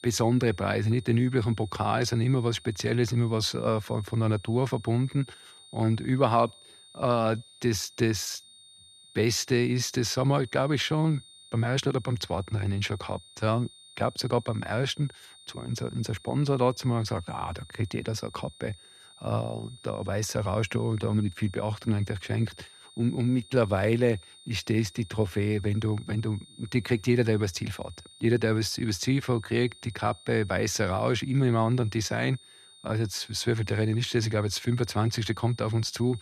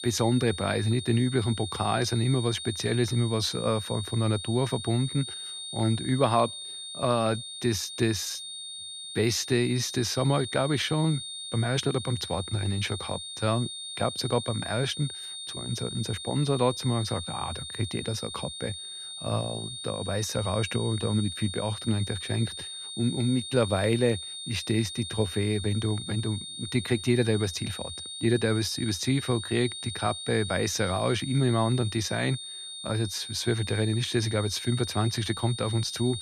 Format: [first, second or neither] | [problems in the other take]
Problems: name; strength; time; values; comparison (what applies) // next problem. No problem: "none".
first | high-pitched whine; loud; throughout; 3.5 kHz, 8 dB below the speech; faint in the first